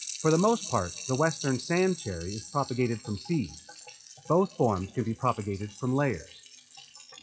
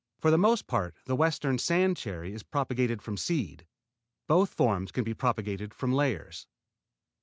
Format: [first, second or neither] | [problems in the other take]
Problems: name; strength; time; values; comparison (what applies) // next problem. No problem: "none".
second | noise reduction (classical method WPE with log-MMSE)